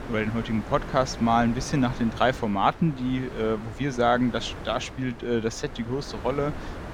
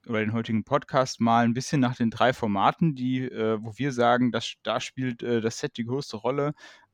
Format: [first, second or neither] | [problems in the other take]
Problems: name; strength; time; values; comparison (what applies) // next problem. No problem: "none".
second | wind noise on the microphone; occasional gusts; 15 dB below the speech